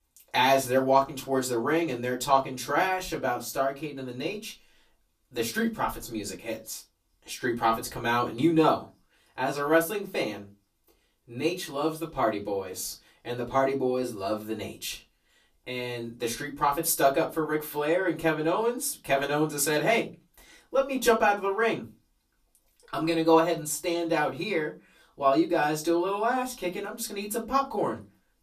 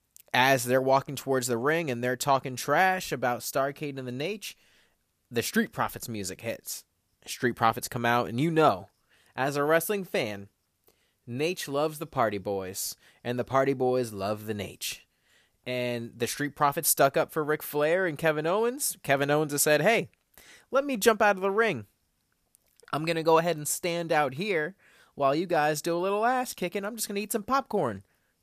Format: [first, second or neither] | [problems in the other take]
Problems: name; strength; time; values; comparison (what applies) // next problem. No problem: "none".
second | off-mic speech; far // room echo; very slight; dies away in 0.2 s